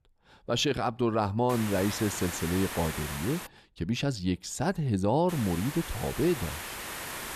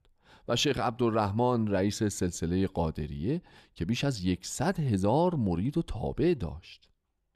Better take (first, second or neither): second